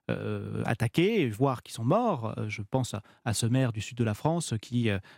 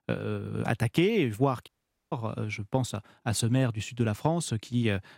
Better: first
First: none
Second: audio cutting out; at 1.5 s

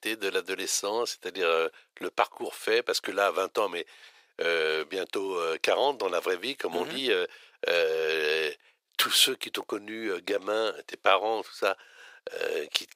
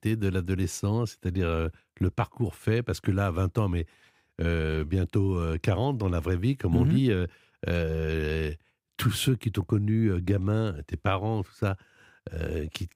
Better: second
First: thin; very; fading below 500 Hz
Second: none

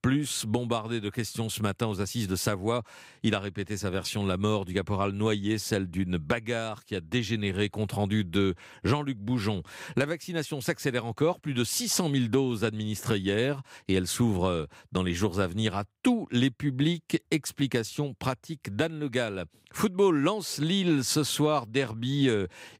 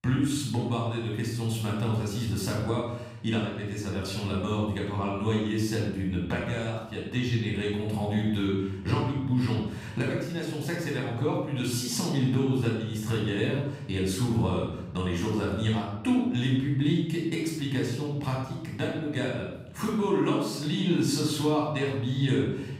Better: first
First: none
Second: off-mic speech; far // room echo; noticeable; dies away in 0.9 s

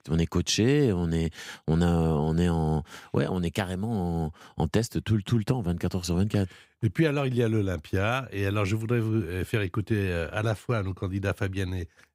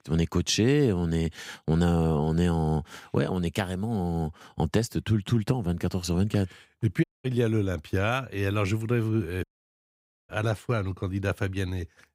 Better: first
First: none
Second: audio cutting out; at 7 s and at 9.5 s for 1 s

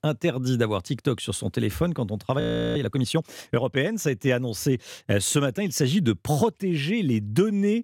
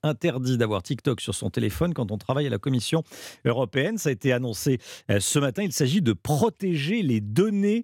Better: second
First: audio freezing; at 2.5 s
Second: none

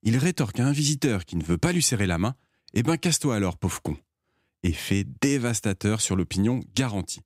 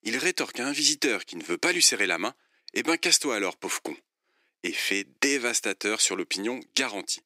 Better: first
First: none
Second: thin; very; fading below 350 Hz

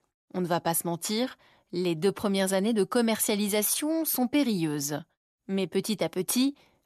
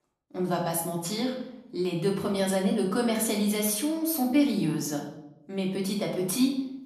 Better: first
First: none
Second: room echo; slight; dies away in 0.7 s // off-mic speech; far

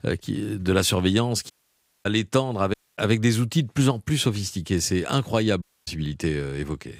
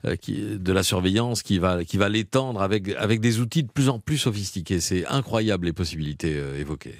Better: second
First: audio cutting out; at 1.5 s for 0.5 s, at 2.5 s and at 5.5 s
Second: none

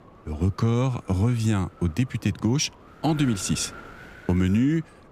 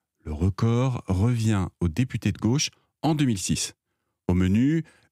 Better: second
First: wind noise on the microphone; occasional gusts; 15 dB below the speech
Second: none

